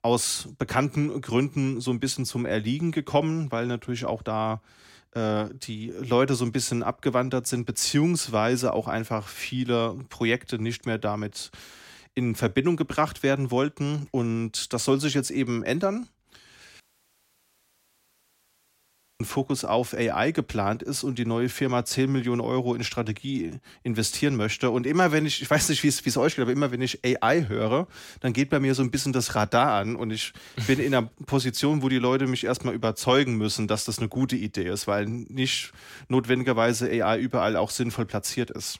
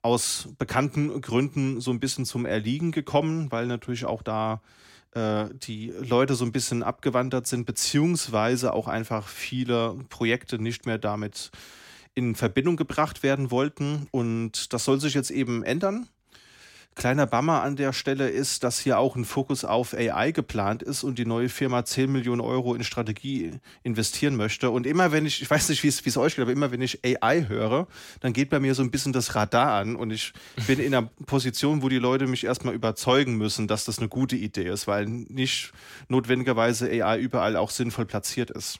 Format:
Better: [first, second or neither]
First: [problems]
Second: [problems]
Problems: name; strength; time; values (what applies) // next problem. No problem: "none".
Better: second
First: audio cutting out; at 17 s for 2.5 s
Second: none